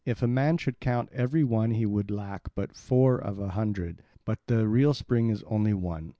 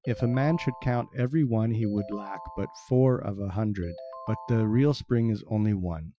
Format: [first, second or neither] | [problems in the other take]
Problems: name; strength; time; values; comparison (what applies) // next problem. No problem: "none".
first | noise reduction (classical method Wiener filter)